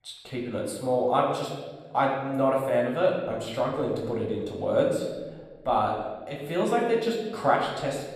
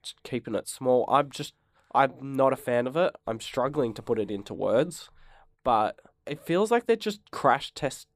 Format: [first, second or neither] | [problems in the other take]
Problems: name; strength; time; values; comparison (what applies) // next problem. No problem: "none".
second | off-mic speech; far // room echo; noticeable; dies away in 1.2 s